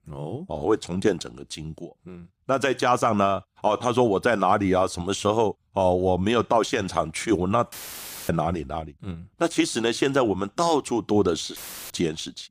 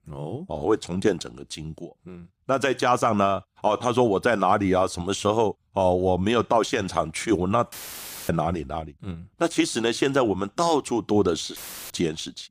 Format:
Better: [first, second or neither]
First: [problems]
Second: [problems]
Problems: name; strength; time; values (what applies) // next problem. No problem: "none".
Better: neither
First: audio cutting out; filled with static; at 7.5 s for 0.5 s and at 12 s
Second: audio cutting out; filled with static; at 7.5 s for 0.5 s and at 12 s